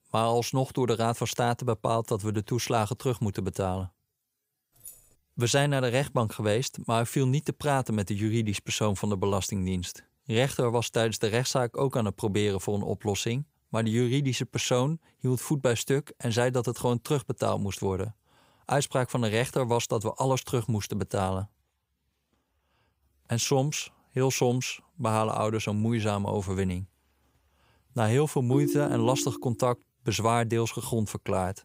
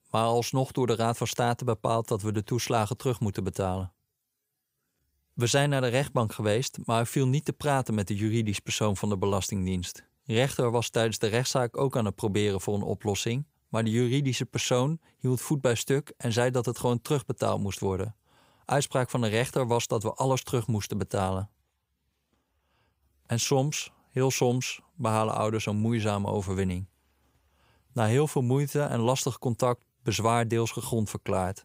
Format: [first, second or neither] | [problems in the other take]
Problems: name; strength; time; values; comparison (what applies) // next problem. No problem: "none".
second | jangling keys; faint; at 5 s; peak 20 dB below the speech // phone ringing; noticeable; at 29 s; peak 1 dB below the speech